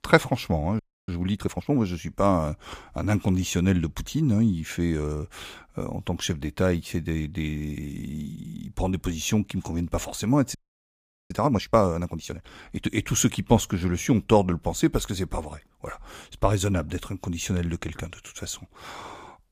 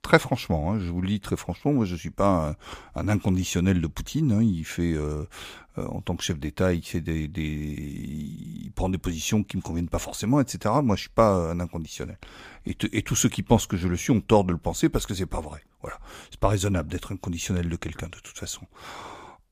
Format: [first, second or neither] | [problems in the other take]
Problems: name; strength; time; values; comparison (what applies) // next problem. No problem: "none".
second | audio freezing; at 1 s and at 11 s for 1 s